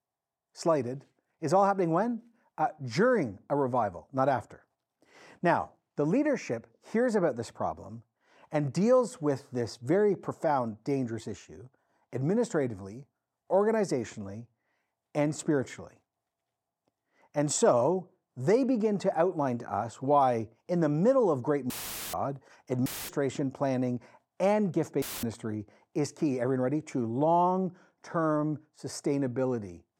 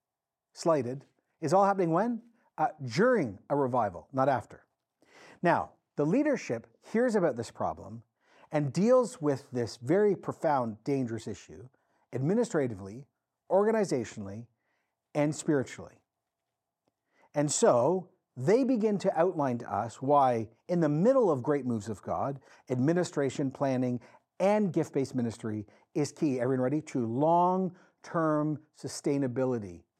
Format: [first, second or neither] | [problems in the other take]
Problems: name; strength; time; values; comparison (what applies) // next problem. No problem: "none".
second | audio cutting out; filled with static; at 22 s, at 23 s and at 25 s